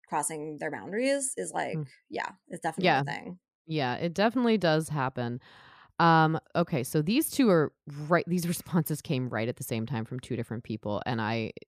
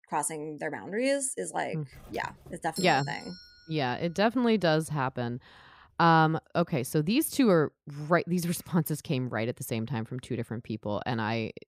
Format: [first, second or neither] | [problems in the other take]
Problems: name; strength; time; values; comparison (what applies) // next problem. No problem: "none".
first | doorbell; noticeable; from 2 to 3.5 s; peak 9 dB below the speech